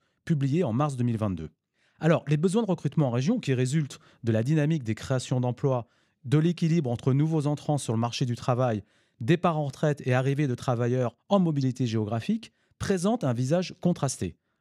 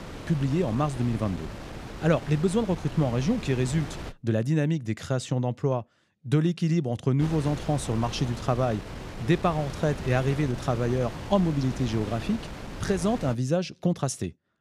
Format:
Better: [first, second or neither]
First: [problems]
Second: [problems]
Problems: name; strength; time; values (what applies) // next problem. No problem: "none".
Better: first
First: none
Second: wind noise on the microphone; occasional gusts; until 4 s and from 7 to 13 s; 10 dB below the speech